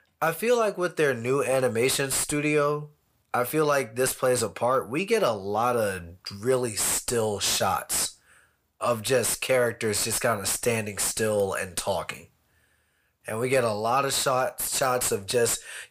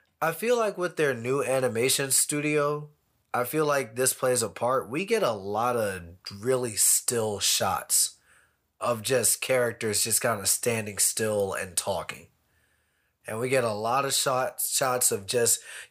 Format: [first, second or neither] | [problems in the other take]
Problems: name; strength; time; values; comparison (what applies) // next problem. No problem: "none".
second | distortion; slight; 9 dB below the speech